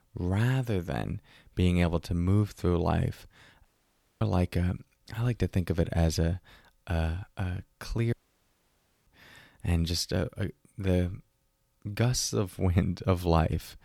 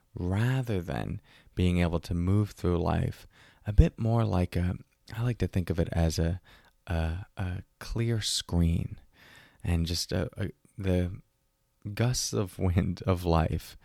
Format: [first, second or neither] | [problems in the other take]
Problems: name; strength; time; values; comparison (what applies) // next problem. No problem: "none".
second | audio cutting out; at 3.5 s for 0.5 s and at 8 s for 1 s